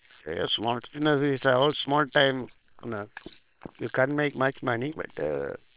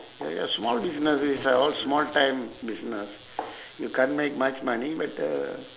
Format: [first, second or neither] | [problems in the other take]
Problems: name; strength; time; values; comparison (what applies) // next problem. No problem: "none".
second | noise reduction (neural separator model SepFormer WHAM!)